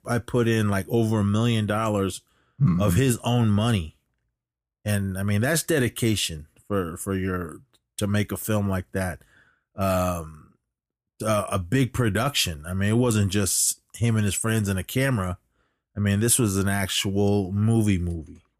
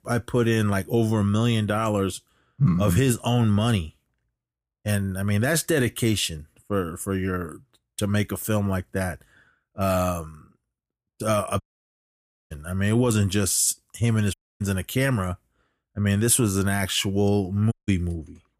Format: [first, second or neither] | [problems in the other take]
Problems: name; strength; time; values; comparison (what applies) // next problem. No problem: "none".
first | audio cutting out; at 12 s for 1 s, at 14 s and at 18 s